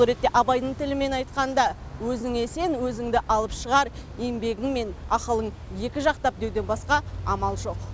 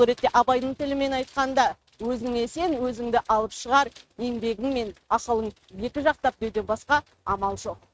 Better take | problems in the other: first | noise reduction (neural mask model RNNoise)

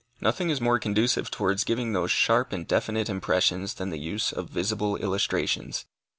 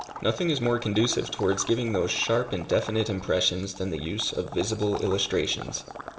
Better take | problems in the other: first | background sound (Water / Liquid); 14 dB below the speech // room echo; dies away in 0.9 s

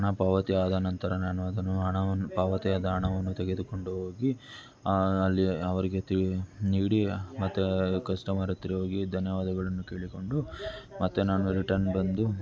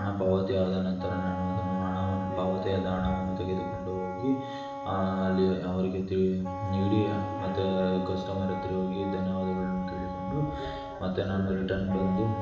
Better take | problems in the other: first | background sound (Wind instrument, woodwind instrument); 8 dB below the speech // room echo; dies away in 1 s

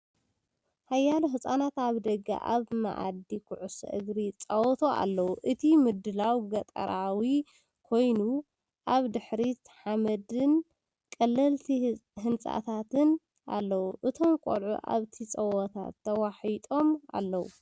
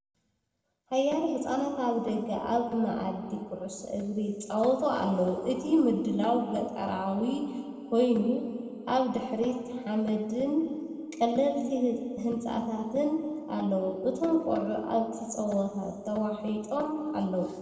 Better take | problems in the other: first | room echo; dies away in 2.1 s

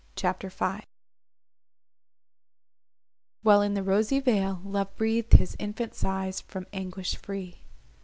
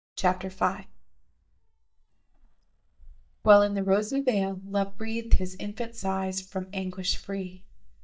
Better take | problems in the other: first | noise reduction (neural mask model DeepFilterNet 3)

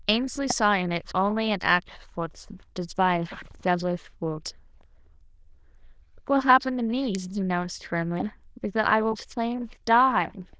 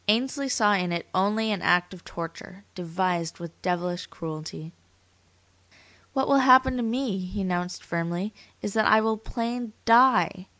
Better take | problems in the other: second | noise reduction (neural diffusion model UNIVERSE++)

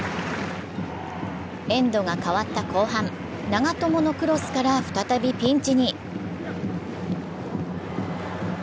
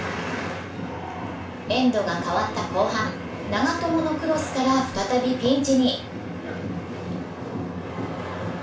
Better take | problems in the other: first | room echo; dies away in 0.3 s

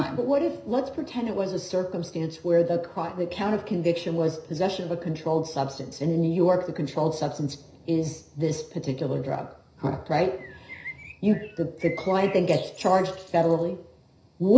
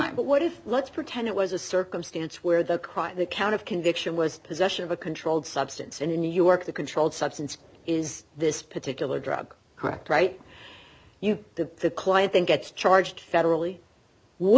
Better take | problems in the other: second | background sound (Bird); 18 dB below the speech // room echo; dies away in 0.5 s

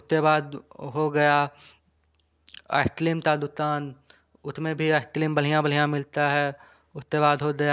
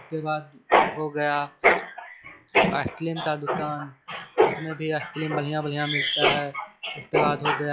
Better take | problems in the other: first | noise reduction (classical method log-MMSE)

